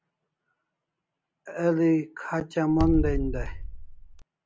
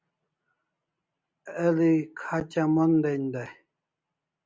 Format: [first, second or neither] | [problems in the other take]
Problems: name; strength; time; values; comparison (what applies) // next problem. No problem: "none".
second | background sound (Bass drum); 1 dB below the speech